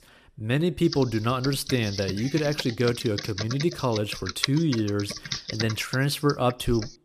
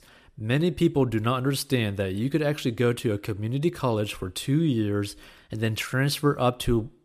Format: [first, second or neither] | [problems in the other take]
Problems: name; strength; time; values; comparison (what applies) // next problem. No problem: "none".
second | keyboard typing; noticeable; from 1 s on; peak 2 dB below the speech